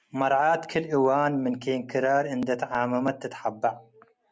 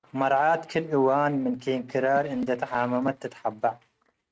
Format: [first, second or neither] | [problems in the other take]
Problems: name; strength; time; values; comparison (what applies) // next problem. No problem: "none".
first | noise reduction (neural mask model RNNoise)